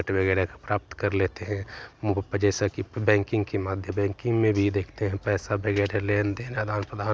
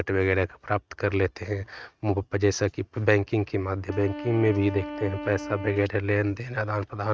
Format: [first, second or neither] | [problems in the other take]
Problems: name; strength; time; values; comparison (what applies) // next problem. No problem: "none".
first | noise reduction (neural mask model RNNoise)